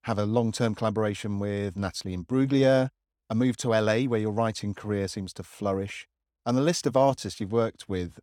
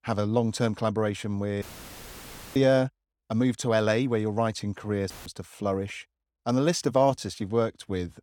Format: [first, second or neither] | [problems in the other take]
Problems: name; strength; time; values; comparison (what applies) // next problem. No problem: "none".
first | audio cutting out; filled with static; at 1.5 s for 1 s and at 5 s